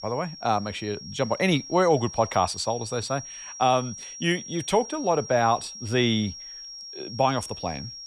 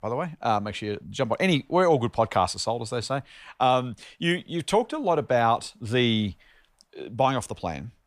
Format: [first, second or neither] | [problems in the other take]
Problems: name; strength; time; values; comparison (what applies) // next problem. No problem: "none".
second | high-pitched whine; noticeable; throughout; 5.5 kHz, 10 dB below the speech